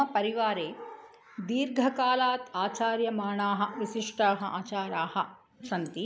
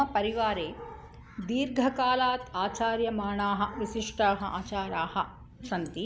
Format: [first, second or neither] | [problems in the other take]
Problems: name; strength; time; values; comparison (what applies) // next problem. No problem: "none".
first | background sound (Bird); 19 dB below the speech